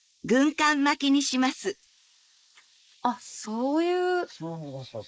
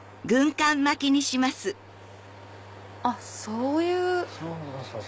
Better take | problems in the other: second | noise reduction (neural mask model Resemble Enhance denoiser)

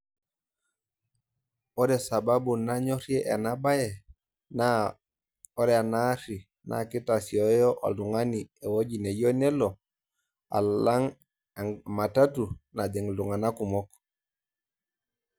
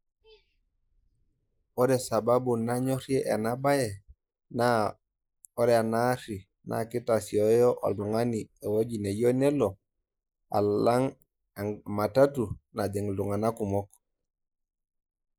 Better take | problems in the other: first | noise reduction (neural mask model Resemble Enhance denoiser)

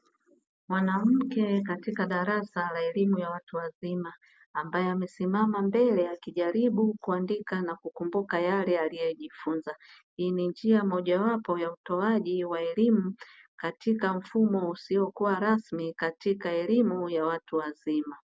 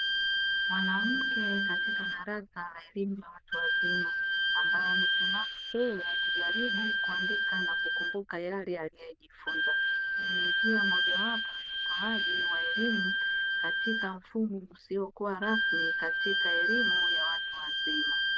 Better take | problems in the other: first | noise reduction (neural diffusion model UNIVERSE++)

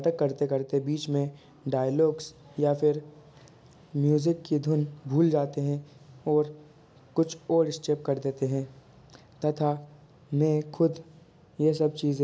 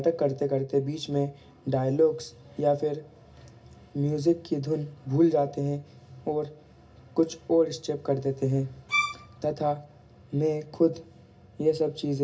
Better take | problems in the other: first | background sound (Bowed string instrument); 2 dB below the speech // room echo; dies away in 0.4 s

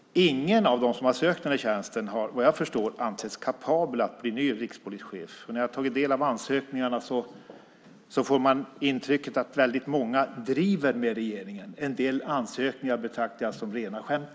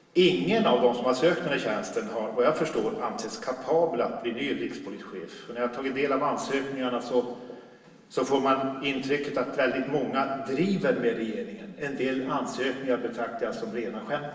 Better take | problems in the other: first | room echo; dies away in 1.2 s

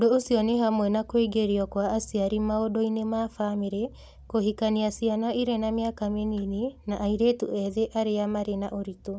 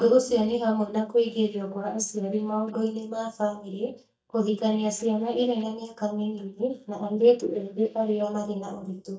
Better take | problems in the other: first | noise reduction (neural mask model DeepFilterNet 3)

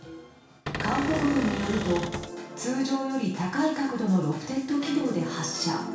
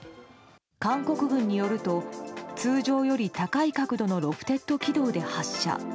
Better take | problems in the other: second | background sound (Cupboard open or close / Door); 4 dB below the speech // room echo; dies away in 0.6 s

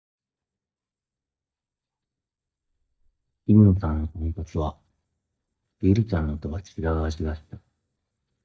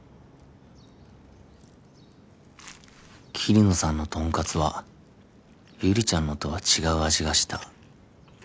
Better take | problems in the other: second | noise reduction (neural mask model DeepFilterNet 3)

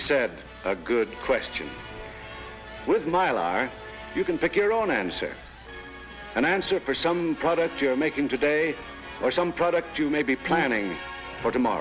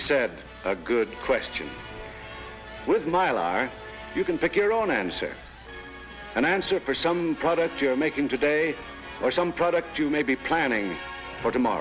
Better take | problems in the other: second | background sound (Brass instrument); 10 dB below the speech

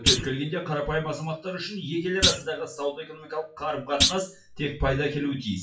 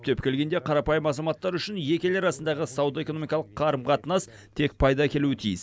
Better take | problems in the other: second | noise reduction (classical method WPE with log-MMSE)

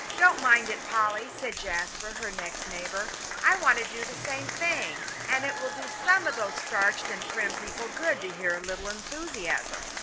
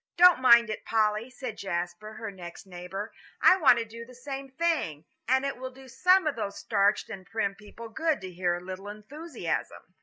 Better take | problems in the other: second | background sound (Applause / Crowd); 7 dB below the speech

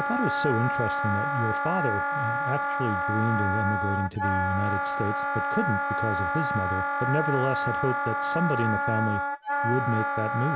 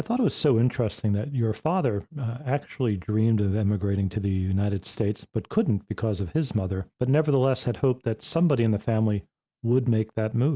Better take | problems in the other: second | background sound (Wind instrument, woodwind instrument); 1 dB above the speech

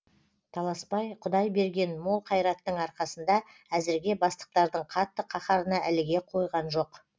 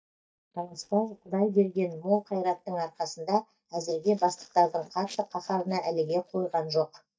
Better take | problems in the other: first | noise reduction (neural mask model DeepFilterNet 3)

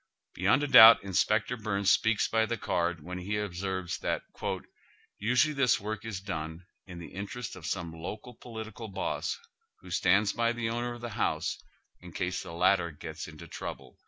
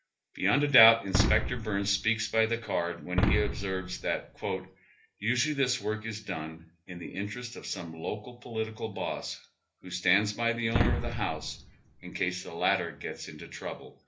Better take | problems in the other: first | background sound (Boom); as loud as the speech // room echo; dies away in 0.3 s

